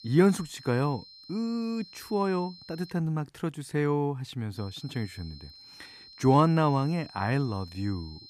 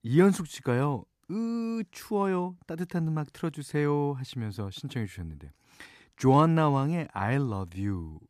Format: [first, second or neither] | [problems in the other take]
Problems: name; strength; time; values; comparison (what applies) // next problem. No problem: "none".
second | high-pitched whine; noticeable; until 3 s and from 4.5 s on; 4 kHz, 20 dB below the speech